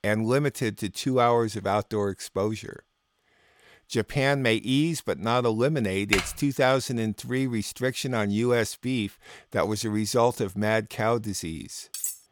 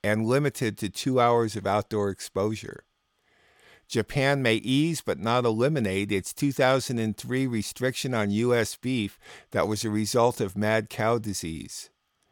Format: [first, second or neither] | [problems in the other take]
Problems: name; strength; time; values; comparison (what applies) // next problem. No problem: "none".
second | keyboard typing; noticeable; at 6 s; peak 1 dB below the speech // clattering dishes; noticeable; at 12 s; peak 5 dB below the speech